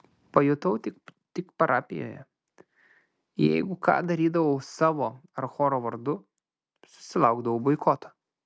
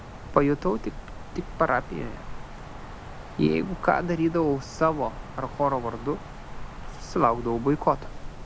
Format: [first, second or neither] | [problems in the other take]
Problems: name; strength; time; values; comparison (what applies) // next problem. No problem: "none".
first | background sound (Wind); 10 dB below the speech